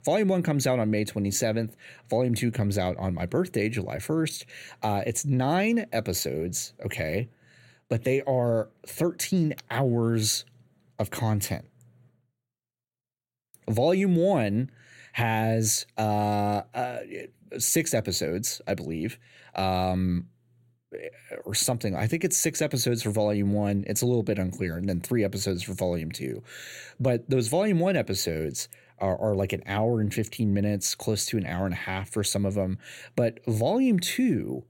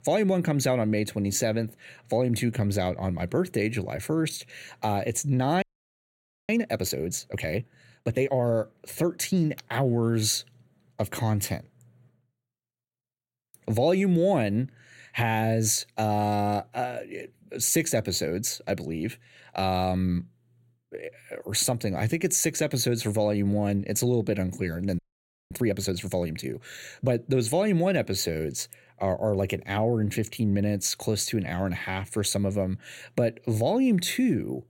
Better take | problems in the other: first | audio freezing; at 5.5 s for 1 s and at 25 s for 0.5 s

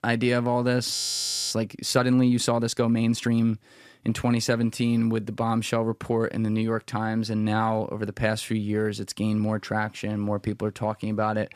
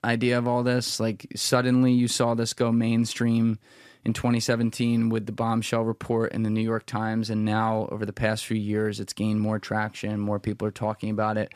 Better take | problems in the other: second | audio freezing; at 1 s for 0.5 s

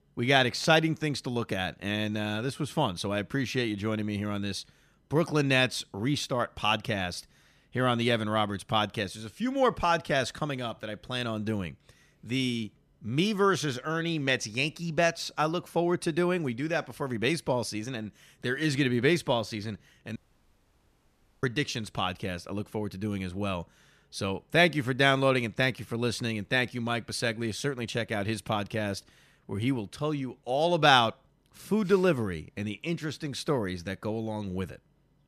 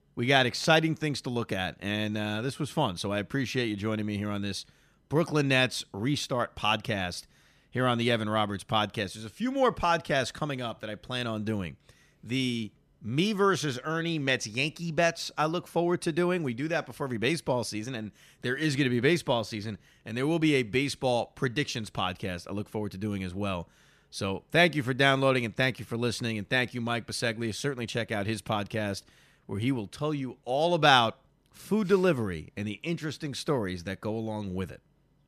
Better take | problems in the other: second | audio cutting out; at 20 s for 1.5 s

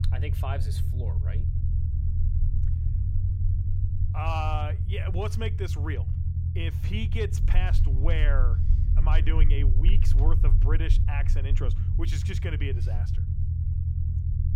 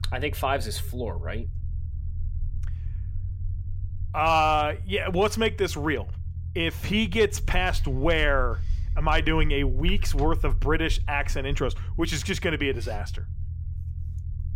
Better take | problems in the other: second | low rumble; loud; throughout; 7 dB below the speech; faint in the second

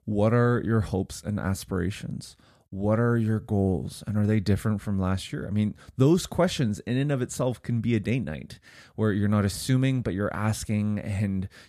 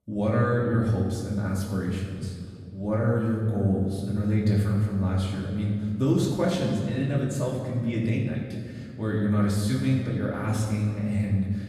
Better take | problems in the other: first | off-mic speech; far // room echo; noticeable; dies away in 1.9 s

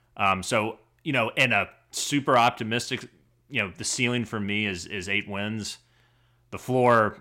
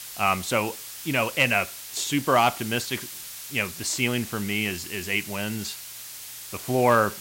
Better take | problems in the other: first | hiss; noticeable; throughout; 10 dB below the speech

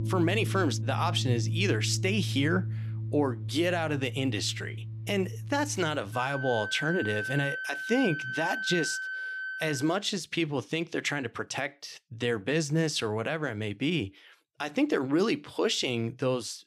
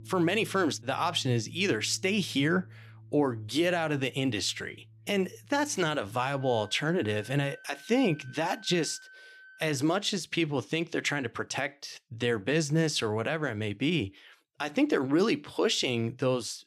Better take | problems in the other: second | background music; loud; until 9.5 s; 5 dB below the speech; faint in the second

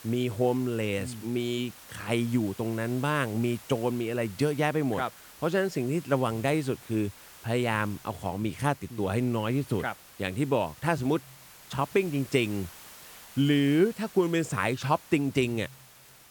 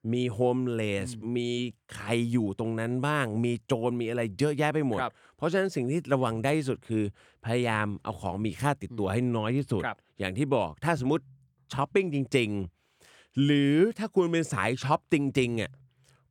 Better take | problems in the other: second | hiss; noticeable; throughout; 20 dB below the speech

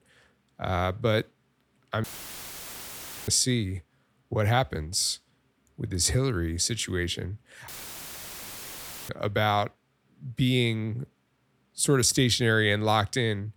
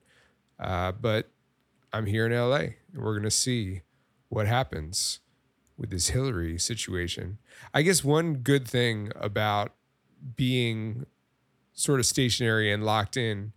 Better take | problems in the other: second | audio cutting out; filled with static; at 2 s for 1 s and at 7.5 s for 1.5 s

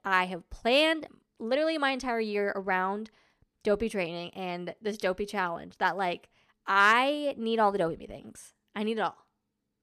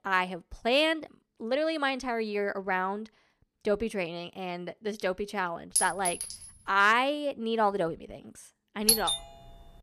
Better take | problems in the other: first | clattering dishes; loud; at 6 s; peak 2 dB above the speech // doorbell; loud; at 9 s; peak 6 dB above the speech

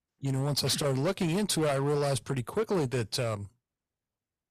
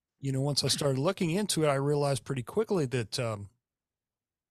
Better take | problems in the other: second | distortion; slight; 11% of the sound clipped

